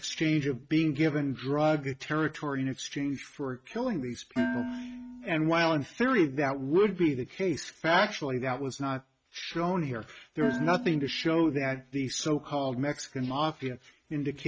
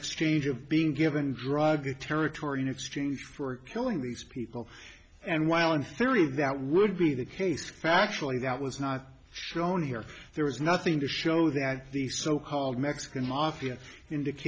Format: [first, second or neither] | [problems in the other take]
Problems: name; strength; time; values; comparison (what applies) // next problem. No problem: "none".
second | noise reduction (neural mask model RNNoise)